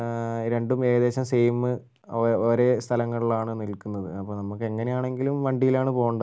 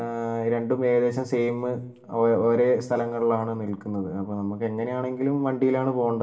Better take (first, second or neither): first